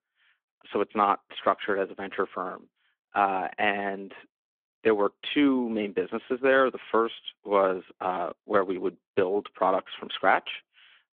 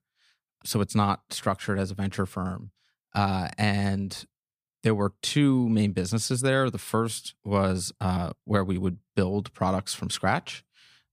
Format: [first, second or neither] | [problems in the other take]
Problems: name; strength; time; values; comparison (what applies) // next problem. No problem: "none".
second | phone-call audio; nothing above 3.5 kHz